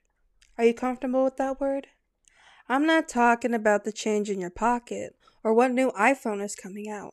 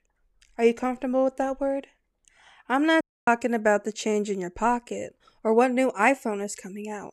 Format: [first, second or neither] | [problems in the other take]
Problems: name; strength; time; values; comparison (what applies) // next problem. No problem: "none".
first | audio cutting out; at 3 s